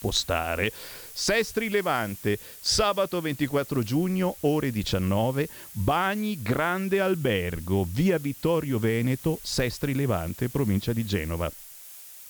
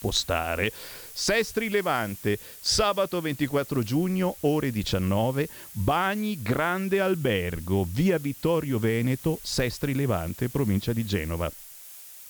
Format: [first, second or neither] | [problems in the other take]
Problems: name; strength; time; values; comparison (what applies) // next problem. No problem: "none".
neither | hiss; noticeable; throughout; 15 dB below the speech; the same in both